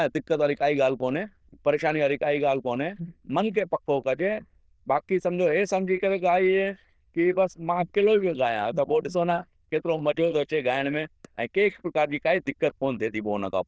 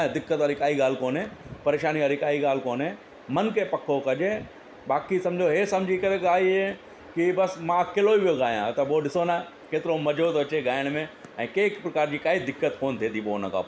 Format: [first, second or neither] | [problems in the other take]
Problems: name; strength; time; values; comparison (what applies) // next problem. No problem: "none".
second | noise reduction (neural diffusion model UNIVERSE++)